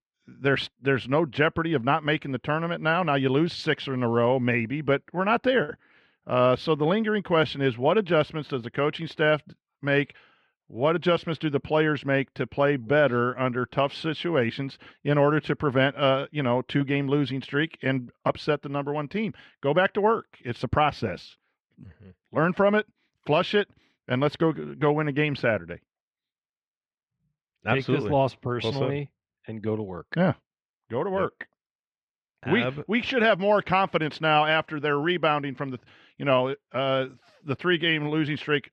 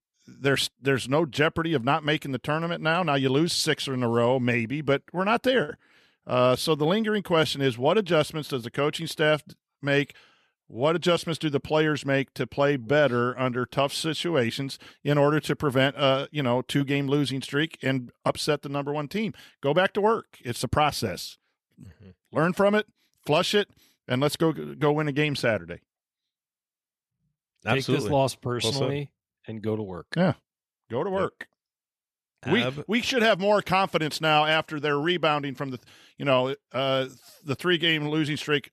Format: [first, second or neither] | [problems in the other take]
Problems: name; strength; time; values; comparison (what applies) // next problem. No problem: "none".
second | muffled; slightly; fading above 2.5 kHz